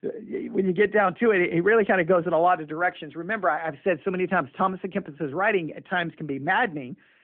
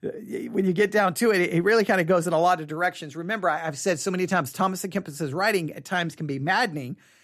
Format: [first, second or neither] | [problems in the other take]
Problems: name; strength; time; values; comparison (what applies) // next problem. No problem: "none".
second | phone-call audio; nothing above 3.5 kHz